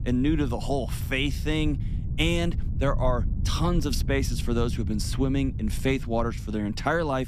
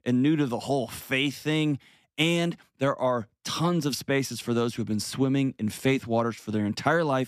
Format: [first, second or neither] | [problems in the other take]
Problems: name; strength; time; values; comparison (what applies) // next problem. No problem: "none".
second | wind noise on the microphone; occasional gusts; 15 dB below the speech